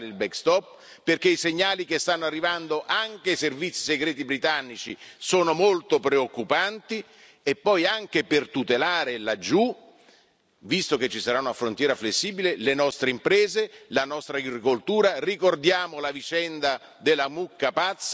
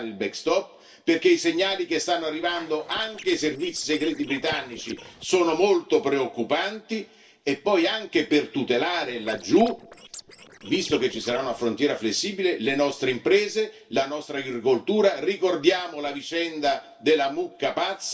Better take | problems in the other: first | noise reduction (neural separator model SepFormer DNS4)

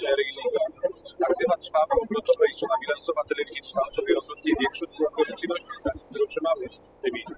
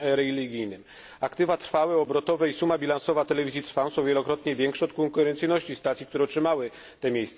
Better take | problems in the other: second | noise reduction (classical method spectral subtraction)

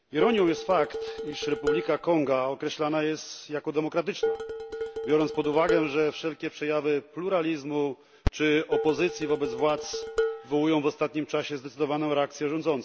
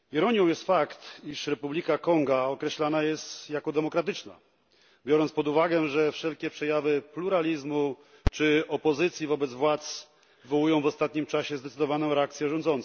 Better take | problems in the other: second | background sound (Dishes, pots, and pans); 6 dB below the speech

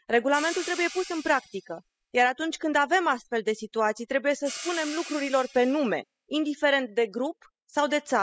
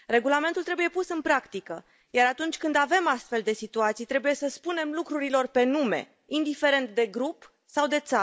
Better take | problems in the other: second | noise reduction (classical method spectral subtraction)

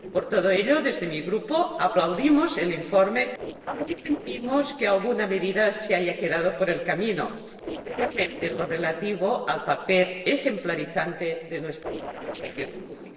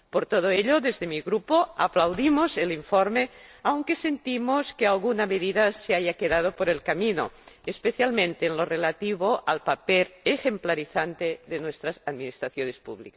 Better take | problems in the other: second | noise reduction (neural separator model SepFormer DNS4)

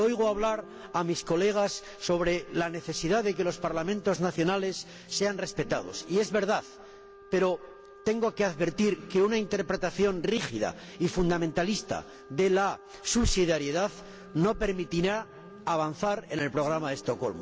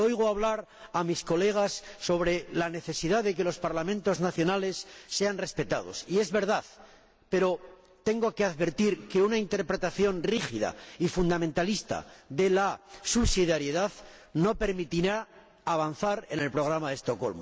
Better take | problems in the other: second | background sound (Wind instrument, woodwind instrument + Motorcycle); 19 dB below the speech

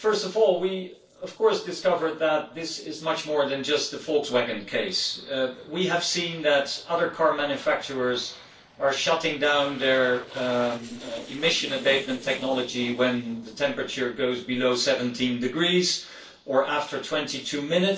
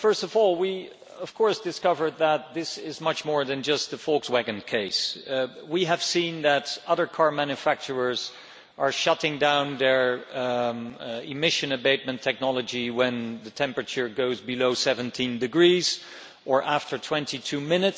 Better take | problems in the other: second | noise reduction (neural separator model SepFormer DNS4)

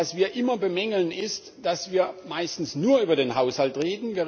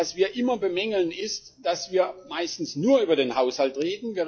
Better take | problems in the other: first | noise reduction (classical method log-MMSE)

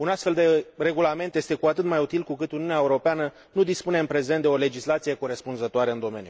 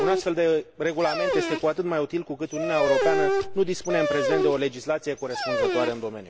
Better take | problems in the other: first | background sound (Dog); 1 dB below the speech

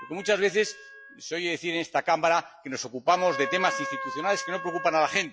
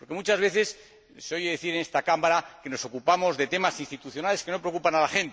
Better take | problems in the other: second | noise reduction (classical method log-MMSE)

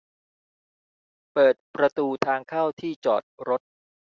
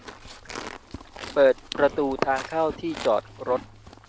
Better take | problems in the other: first | background sound (Livestock, farm animals, working animals); 14 dB below the speech

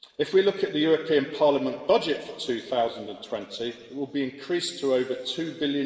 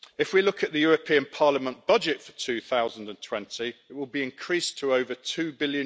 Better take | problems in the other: second | room echo; dies away in 1.6 s

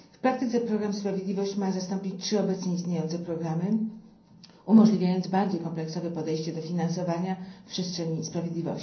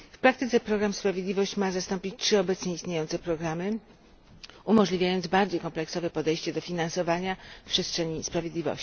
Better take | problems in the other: second | room echo; dies away in 0.6 s

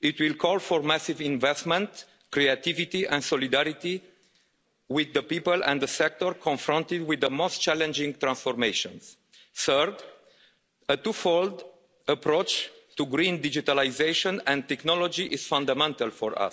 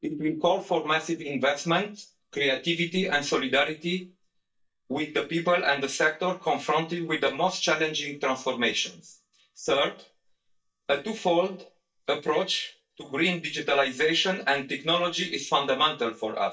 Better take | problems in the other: first | noise reduction (neural mask model DeepFilterNet 3)

